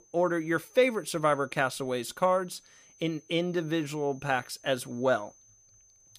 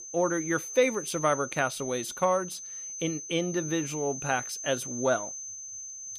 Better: first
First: high-pitched whine; faint; throughout; 6 kHz, 25 dB below the speech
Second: high-pitched whine; loud; throughout; 6 kHz, 7 dB below the speech

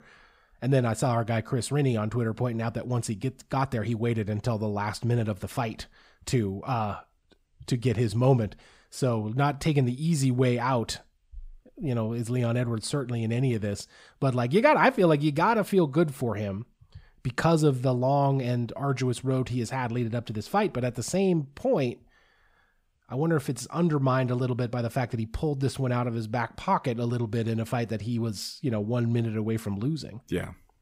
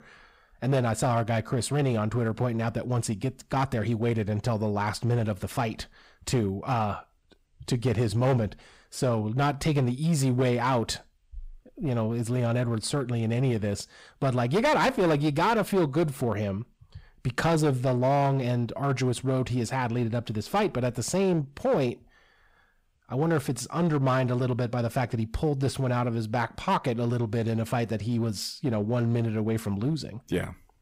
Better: first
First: none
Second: distortion; slight; 10% of the sound clipped

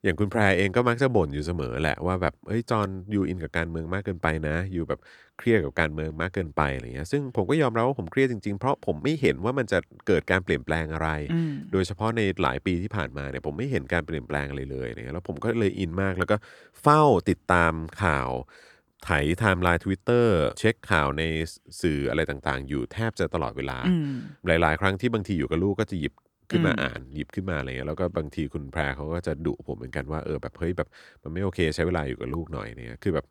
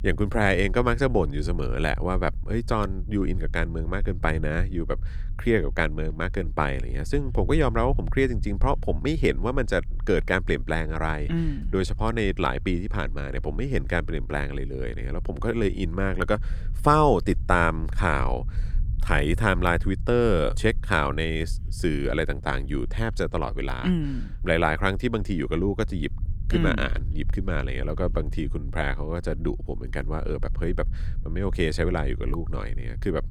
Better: first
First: none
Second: low rumble; faint; throughout; 25 dB below the speech

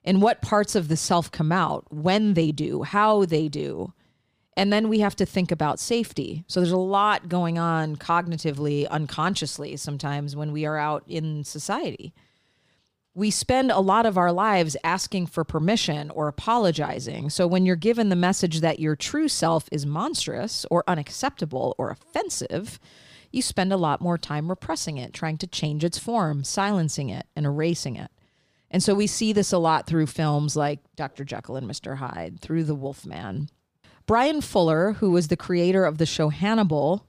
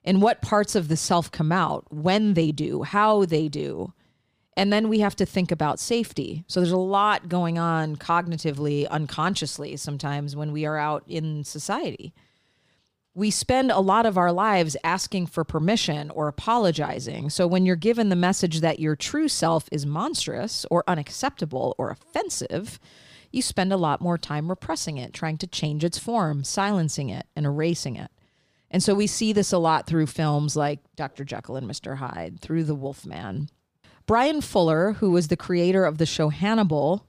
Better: neither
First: none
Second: none

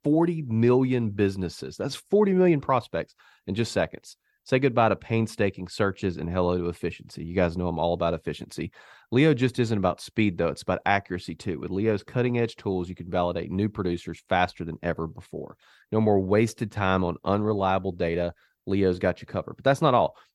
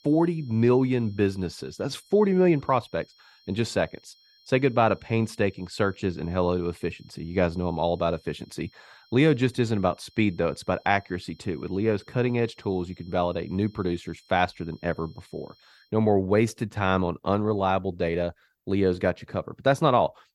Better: first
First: none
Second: high-pitched whine; faint; until 16 s; 4 kHz, 30 dB below the speech

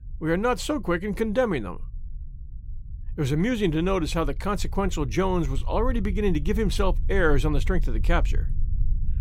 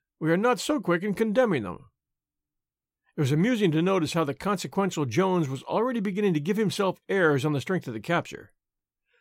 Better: second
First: low rumble; faint; throughout; 25 dB below the speech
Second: none

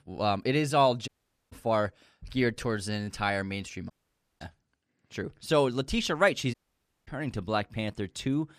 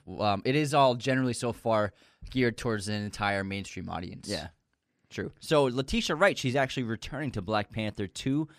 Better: second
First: audio cutting out; at 1 s, at 4 s for 0.5 s and at 6.5 s for 0.5 s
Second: none

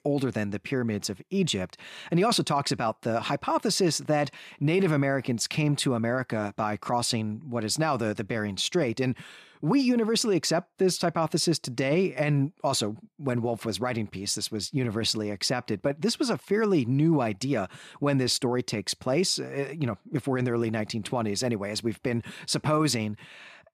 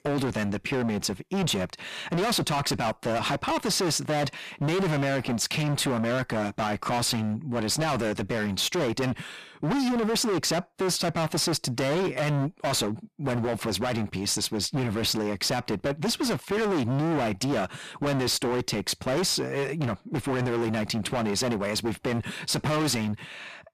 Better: first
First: none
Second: distortion; heavy; 30% of the sound clipped

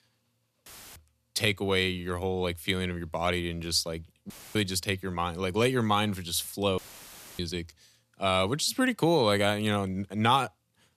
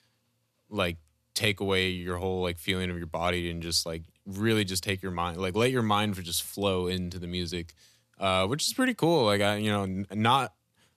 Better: second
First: audio cutting out; filled with static; at 0.5 s, at 4.5 s and at 7 s for 0.5 s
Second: none

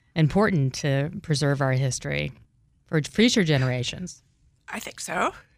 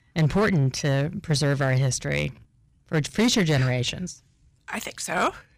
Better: first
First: none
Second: distortion; slight; 5% of the sound clipped

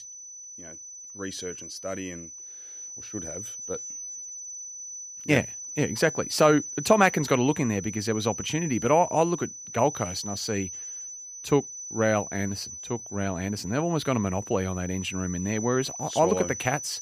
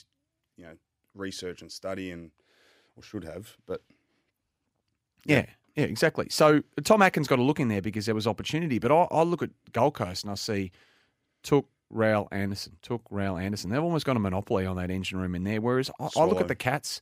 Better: second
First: high-pitched whine; loud; throughout; 6 kHz, 10 dB below the speech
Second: none

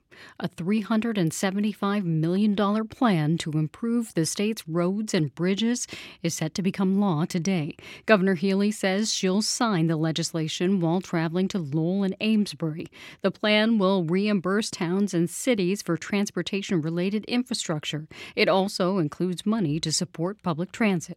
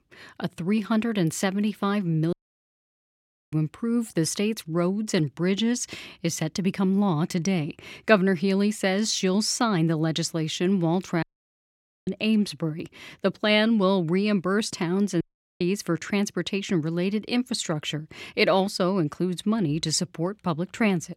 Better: first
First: none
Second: audio cutting out; at 2.5 s for 1 s, at 11 s for 1 s and at 15 s

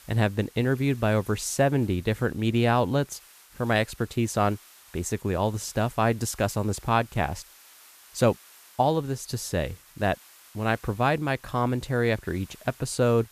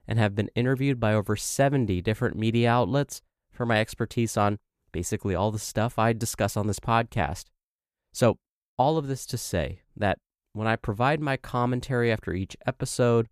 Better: second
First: hiss; faint; throughout; 25 dB below the speech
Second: none

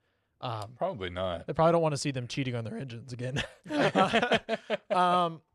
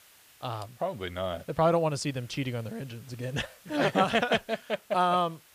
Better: first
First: none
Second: hiss; faint; throughout; 25 dB below the speech

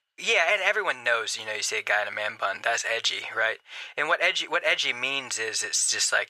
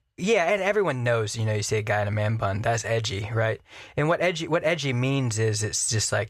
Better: second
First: thin; very; fading below 750 Hz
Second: none

